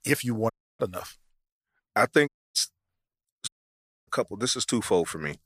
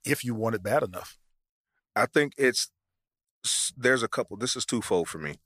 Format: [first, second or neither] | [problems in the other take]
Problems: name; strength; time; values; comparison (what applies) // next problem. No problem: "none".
second | audio cutting out; at 0.5 s, at 2.5 s and at 3.5 s for 0.5 s